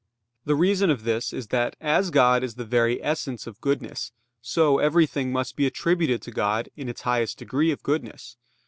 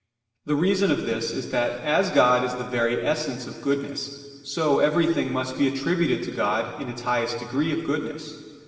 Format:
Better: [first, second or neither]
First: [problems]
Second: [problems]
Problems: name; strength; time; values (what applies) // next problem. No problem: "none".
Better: first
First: none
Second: room echo; dies away in 2.3 s